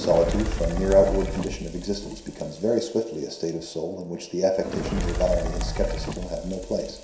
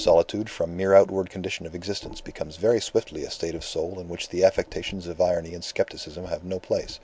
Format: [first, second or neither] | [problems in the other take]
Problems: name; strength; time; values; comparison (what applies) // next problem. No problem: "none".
second | background sound (Fire); 5 dB below the speech // room echo; dies away in 0.7 s